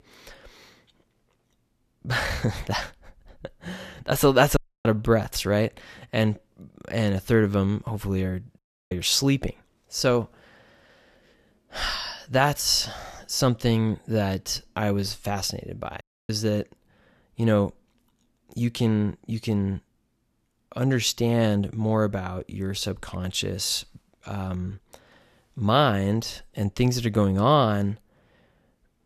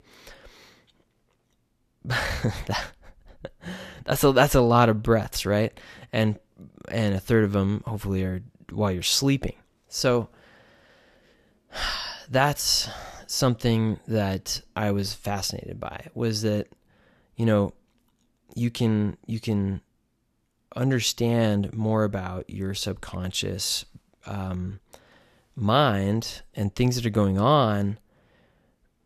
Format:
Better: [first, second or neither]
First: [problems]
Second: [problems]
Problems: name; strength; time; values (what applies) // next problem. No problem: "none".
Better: second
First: audio cutting out; at 4.5 s, at 8.5 s and at 16 s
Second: none